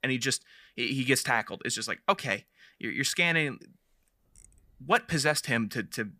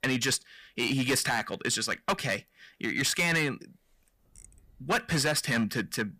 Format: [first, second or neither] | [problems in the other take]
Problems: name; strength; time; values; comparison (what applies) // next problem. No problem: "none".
first | distortion; heavy; 7% of the sound clipped